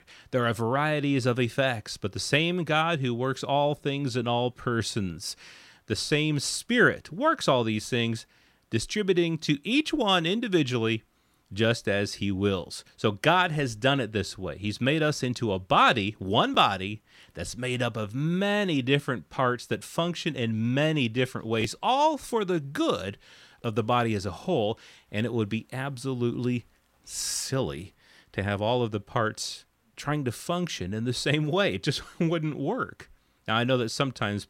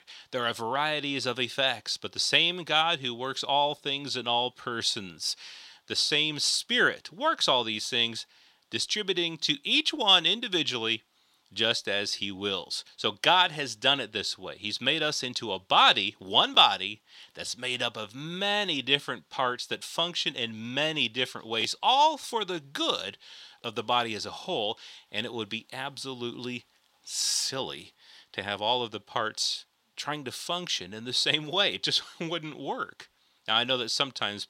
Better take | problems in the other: first | thin; somewhat; fading below 500 Hz

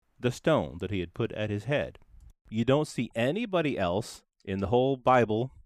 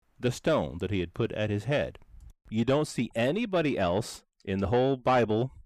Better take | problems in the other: first | distortion; slight; 10 dB below the speech

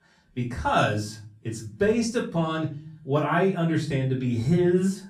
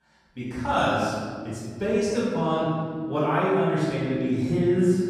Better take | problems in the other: first | room echo; strong; dies away in 1.9 s; slight in the first // off-mic speech; far; far in the first

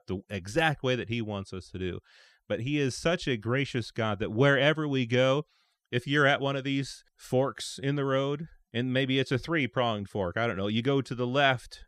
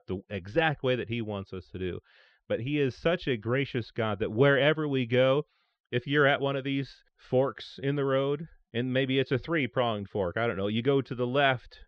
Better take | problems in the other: first | muffled; slightly; fading above 4 kHz

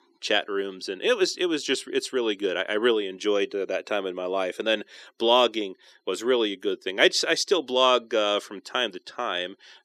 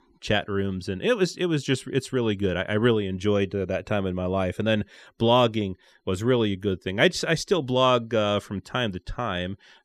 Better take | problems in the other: second | thin; somewhat; fading below 300 Hz

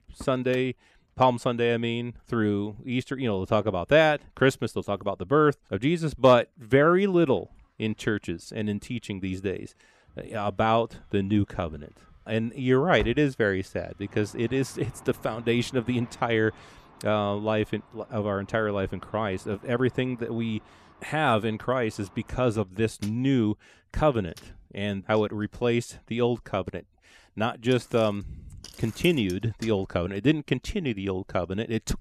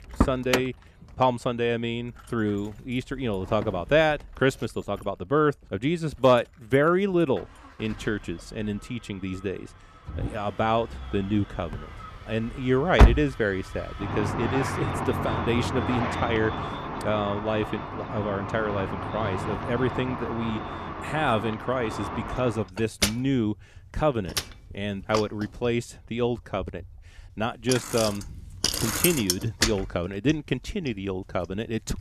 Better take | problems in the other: first | traffic noise; loud; throughout; 2 dB below the speech; faint in the first

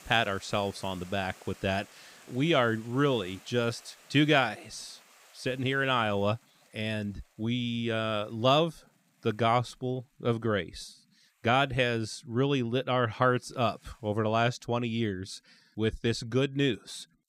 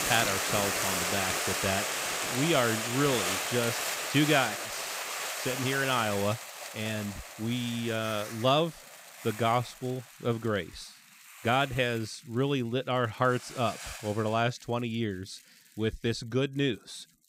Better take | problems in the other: first | hiss; loud; throughout; 2 dB below the speech; faint in the first

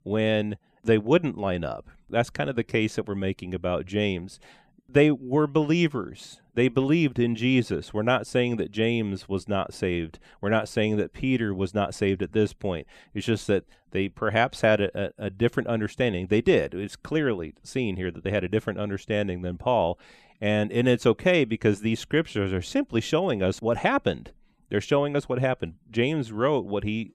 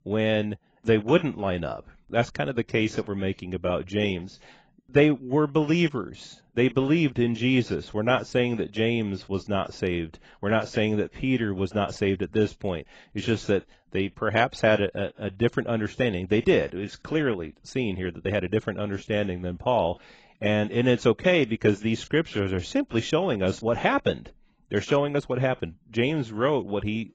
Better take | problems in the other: first | garbled, watery; badly; nothing above 7.5 kHz

